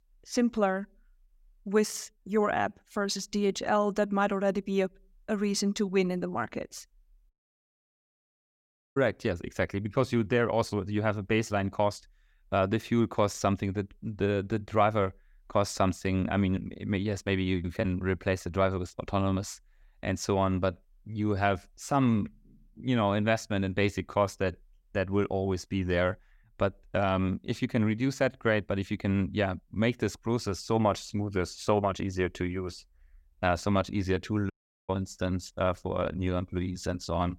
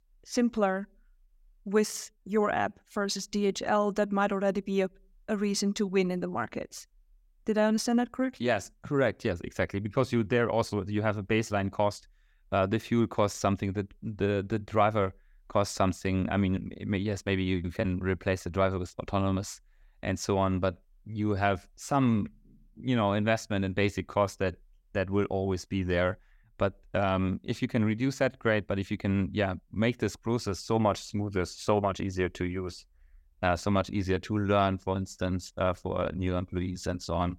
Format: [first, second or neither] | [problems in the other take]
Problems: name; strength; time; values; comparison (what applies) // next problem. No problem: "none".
second | audio cutting out; at 7.5 s for 1.5 s and at 35 s